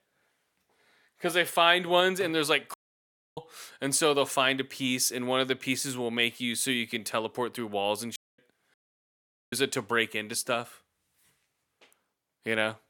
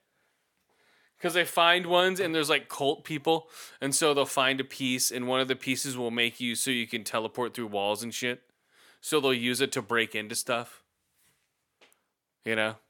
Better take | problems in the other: second | audio cutting out; at 2.5 s for 0.5 s, at 8 s and at 8.5 s for 1 s

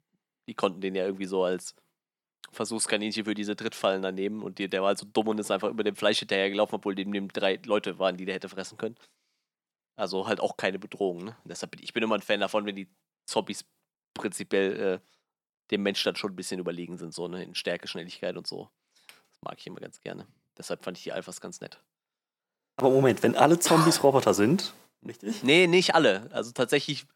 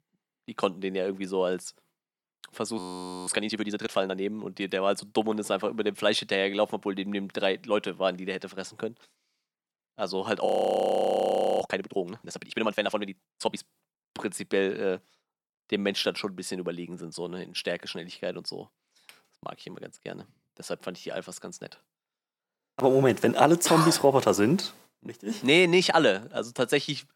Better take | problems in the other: first | audio freezing; at 3 s and at 10 s for 1 s

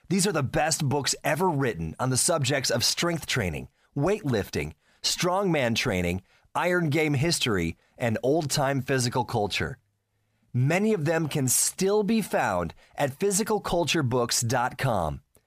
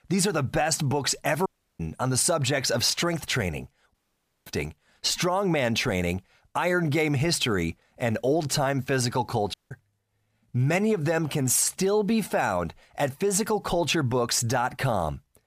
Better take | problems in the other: first | audio cutting out; at 1.5 s, at 4 s for 0.5 s and at 9.5 s

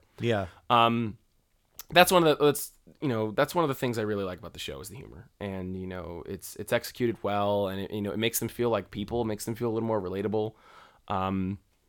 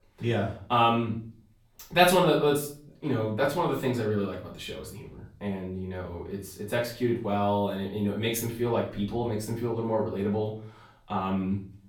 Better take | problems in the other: first | room echo; slight; dies away in 0.4 s // off-mic speech; far

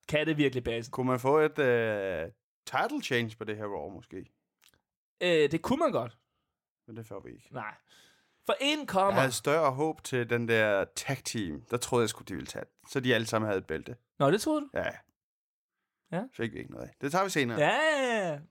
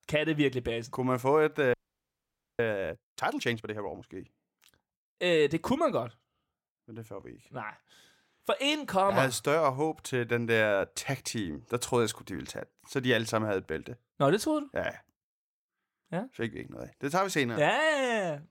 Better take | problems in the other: first | audio freezing; at 1.5 s for 1 s

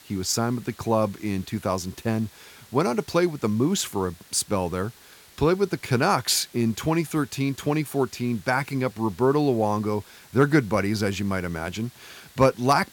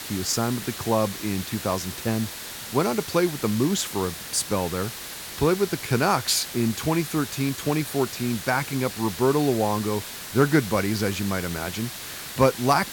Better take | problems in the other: first | hiss; loud; throughout; 9 dB below the speech; faint in the first

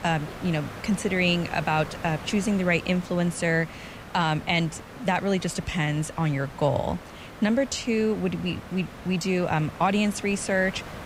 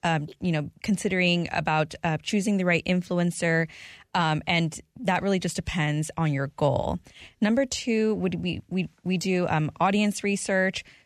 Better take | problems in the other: second | hiss; noticeable; throughout; 15 dB below the speech

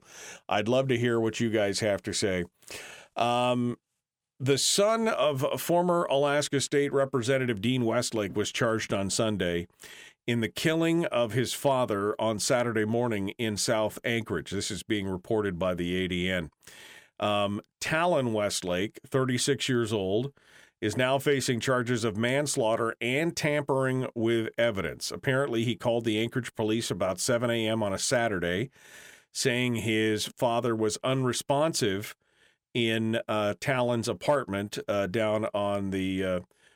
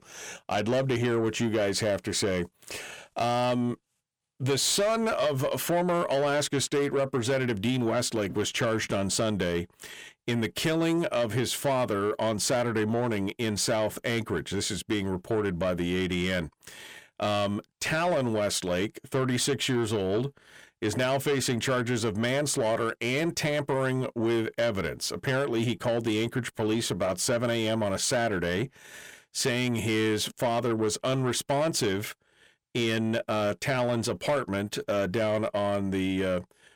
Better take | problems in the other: first | distortion; slight; 10 dB below the speech

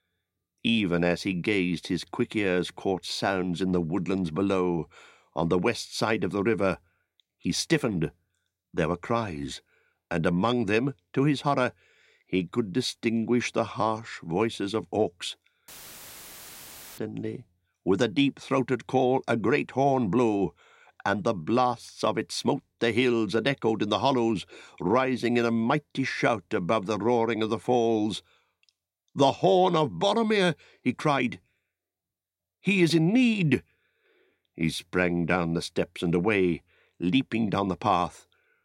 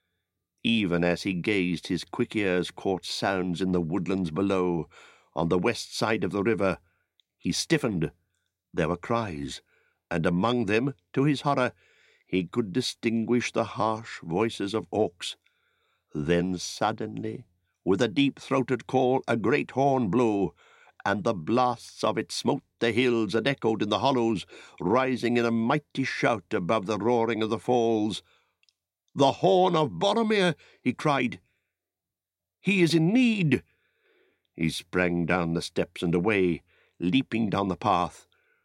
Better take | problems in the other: second | audio cutting out; filled with static; at 16 s for 1.5 s

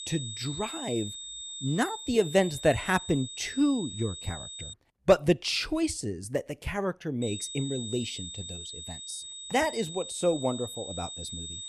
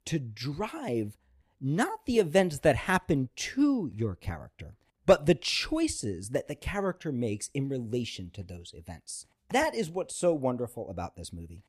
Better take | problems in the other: second | high-pitched whine; loud; until 4.5 s and from 7 s on; 3.5 kHz, 9 dB below the speech

